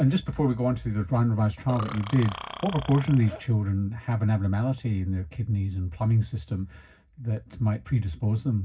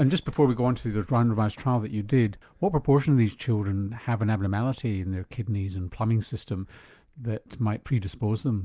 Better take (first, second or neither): second